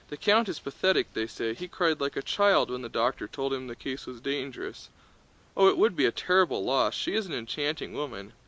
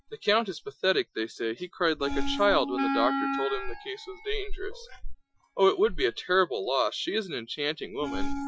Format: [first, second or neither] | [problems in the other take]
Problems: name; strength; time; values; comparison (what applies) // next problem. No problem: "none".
first | noise reduction (classical method Wiener filter)